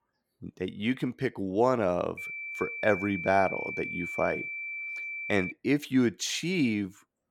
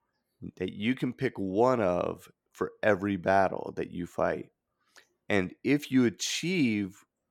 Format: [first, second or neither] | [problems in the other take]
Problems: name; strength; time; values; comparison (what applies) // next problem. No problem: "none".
second | high-pitched whine; loud; from 2 to 5.5 s; 2.5 kHz, 6 dB below the speech